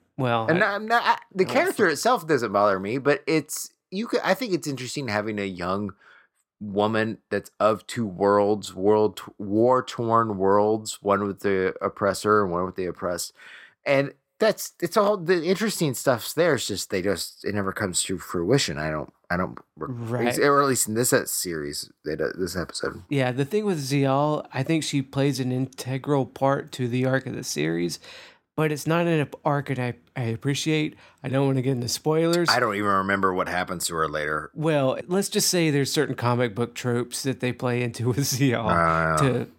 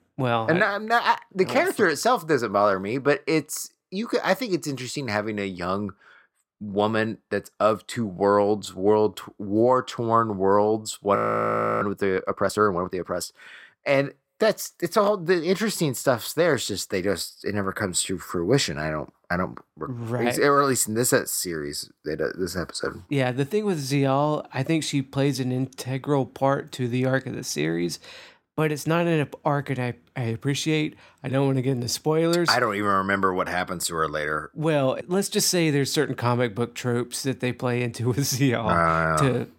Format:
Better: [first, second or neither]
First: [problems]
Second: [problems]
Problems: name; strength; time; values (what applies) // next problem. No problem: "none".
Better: first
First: none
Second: audio freezing; at 11 s for 0.5 s